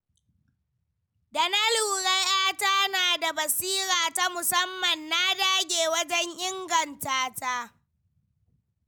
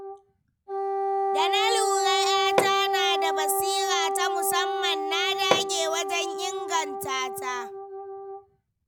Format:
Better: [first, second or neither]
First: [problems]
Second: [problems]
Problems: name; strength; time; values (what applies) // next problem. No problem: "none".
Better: first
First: none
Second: background sound (Hammer + Wind instrument, woodwind instrument); 2 dB above the speech